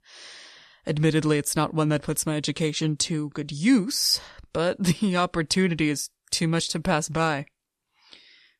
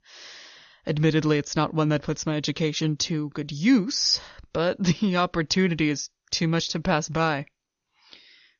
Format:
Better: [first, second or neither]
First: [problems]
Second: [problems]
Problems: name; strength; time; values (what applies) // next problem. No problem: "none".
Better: first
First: none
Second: garbled, watery; slightly; nothing above 6.5 kHz